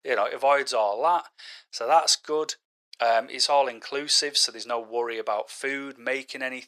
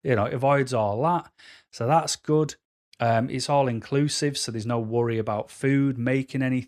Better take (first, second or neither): second